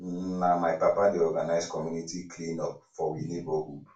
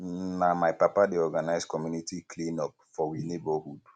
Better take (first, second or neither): second